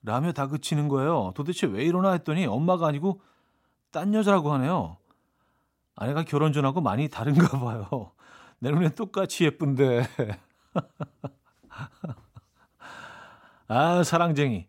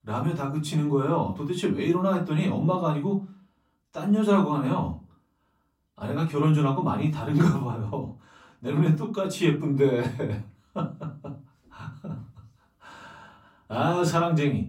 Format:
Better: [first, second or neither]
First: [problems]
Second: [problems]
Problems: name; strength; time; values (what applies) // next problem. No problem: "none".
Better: first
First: none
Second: off-mic speech; far // room echo; very slight; dies away in 0.3 s